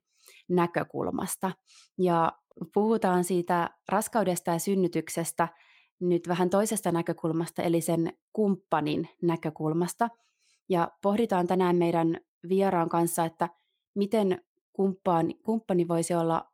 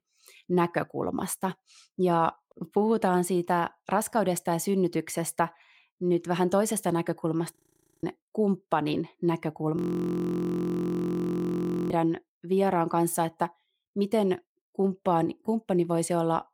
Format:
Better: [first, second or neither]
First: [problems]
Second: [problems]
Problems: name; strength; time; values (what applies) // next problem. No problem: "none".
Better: first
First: none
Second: audio freezing; at 7.5 s and at 10 s for 2 s